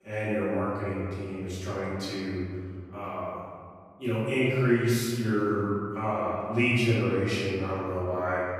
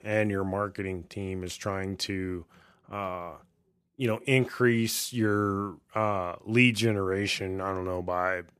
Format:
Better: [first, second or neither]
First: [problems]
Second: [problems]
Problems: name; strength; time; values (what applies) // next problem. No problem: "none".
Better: second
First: off-mic speech; far // room echo; strong; dies away in 1.9 s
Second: none